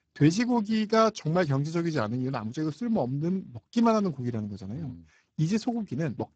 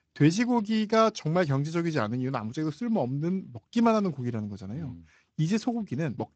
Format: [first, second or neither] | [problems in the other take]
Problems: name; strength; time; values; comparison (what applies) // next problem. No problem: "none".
second | garbled, watery; badly; nothing above 7.5 kHz; slightly in the second